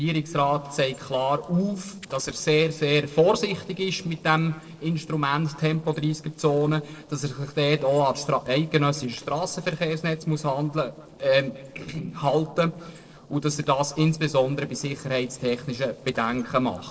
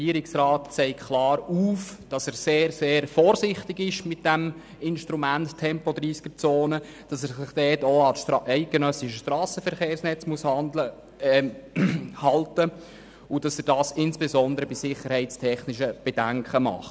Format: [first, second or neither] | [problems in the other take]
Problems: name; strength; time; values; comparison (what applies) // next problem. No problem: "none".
second | noise reduction (neural separator model SepFormer DNS4)